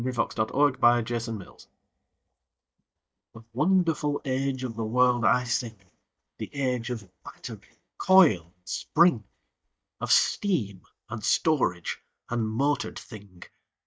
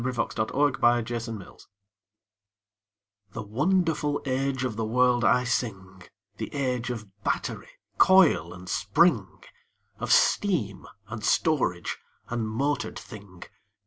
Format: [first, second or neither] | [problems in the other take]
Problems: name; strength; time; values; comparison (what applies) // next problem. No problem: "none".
second | noise reduction (neural mask model DeepFilterNet 3)